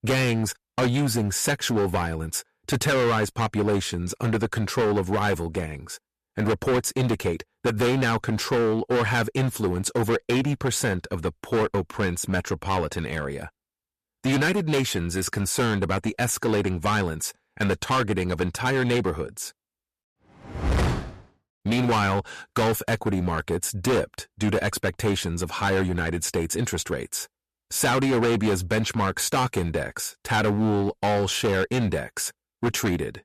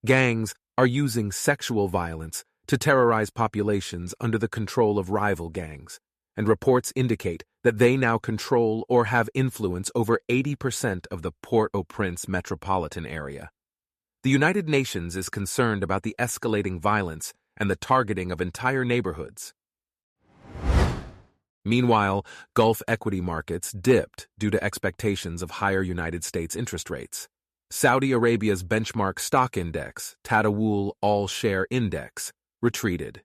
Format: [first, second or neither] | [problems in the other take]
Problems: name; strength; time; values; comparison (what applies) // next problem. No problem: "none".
second | distortion; heavy; 15% of the sound clipped